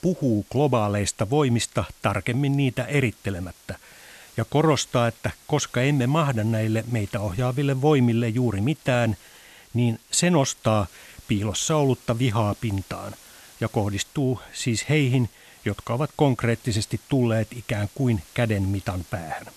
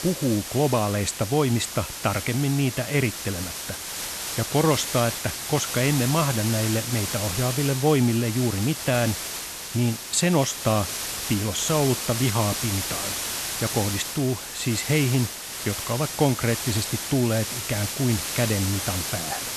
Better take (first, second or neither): first